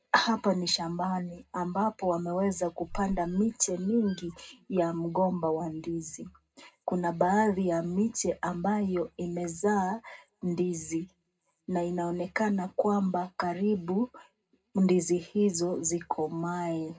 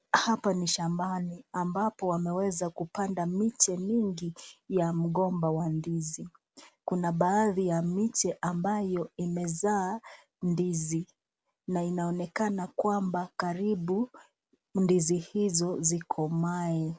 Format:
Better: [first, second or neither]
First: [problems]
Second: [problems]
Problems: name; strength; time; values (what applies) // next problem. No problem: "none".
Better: second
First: background sound (Squeak); 15 dB below the speech // room echo; dies away in 0.2 s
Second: none